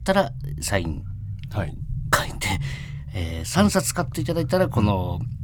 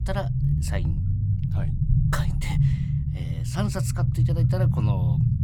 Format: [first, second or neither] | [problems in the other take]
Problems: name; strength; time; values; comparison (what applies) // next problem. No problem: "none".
first | low rumble; loud; throughout; 1 dB below the speech; faint in the first